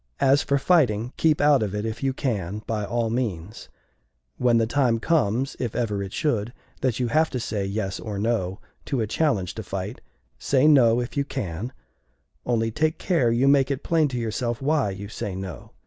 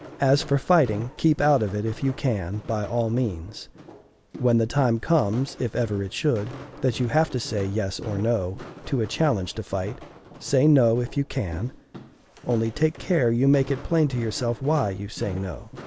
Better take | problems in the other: first | background sound (Walk, footsteps); 18 dB below the speech

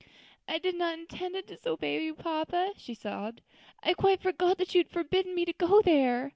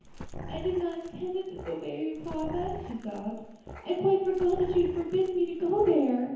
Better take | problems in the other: first | background sound (Growling); 13 dB below the speech // room echo; dies away in 1 s

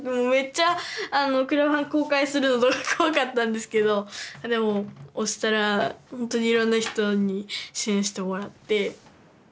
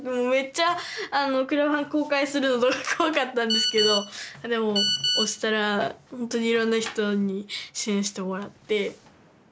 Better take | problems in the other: first | background sound (Telephone); 1 dB below the speech

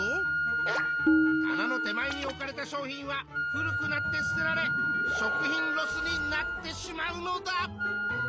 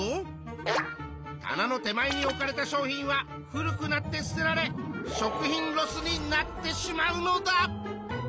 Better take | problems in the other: second | background sound (Wind instrument, woodwind instrument + Tabla); 5 dB above the speech

